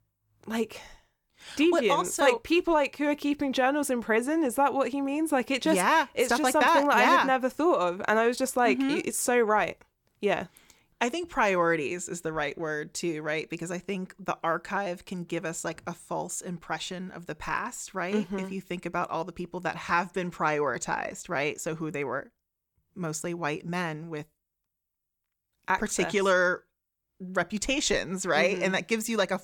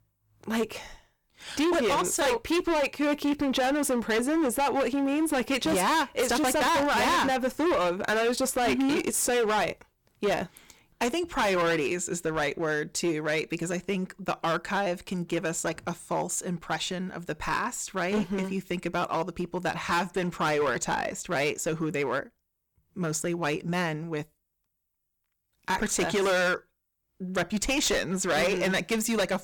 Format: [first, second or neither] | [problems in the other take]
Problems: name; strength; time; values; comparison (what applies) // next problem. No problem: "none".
first | distortion; heavy; 15% of the sound clipped